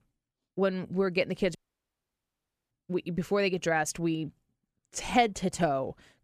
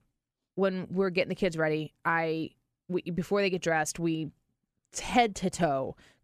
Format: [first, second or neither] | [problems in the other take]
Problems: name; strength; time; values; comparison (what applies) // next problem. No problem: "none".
second | audio cutting out; at 1.5 s for 1 s